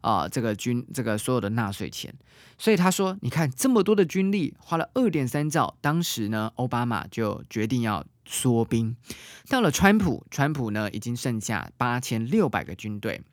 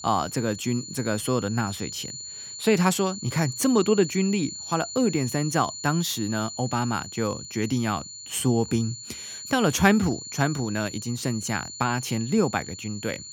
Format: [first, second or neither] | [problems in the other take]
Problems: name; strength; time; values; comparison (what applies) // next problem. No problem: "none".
first | high-pitched whine; noticeable; throughout; 7 kHz, 10 dB below the speech